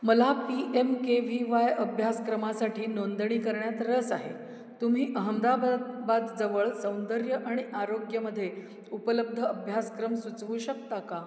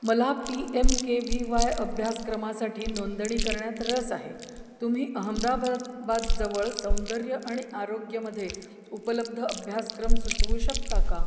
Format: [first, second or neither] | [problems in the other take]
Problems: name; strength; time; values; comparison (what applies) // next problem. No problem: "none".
first | background sound (Chewing, mastication); 2 dB above the speech